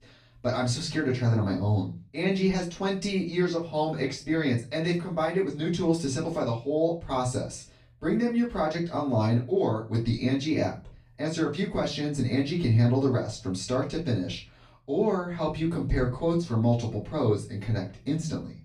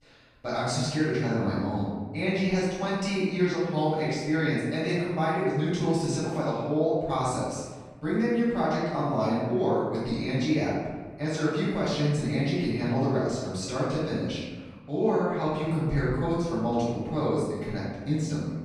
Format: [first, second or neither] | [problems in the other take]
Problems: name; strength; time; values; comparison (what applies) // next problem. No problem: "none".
first | room echo; strong; dies away in 1.2 s; slight in the first // off-mic speech; far; far in the first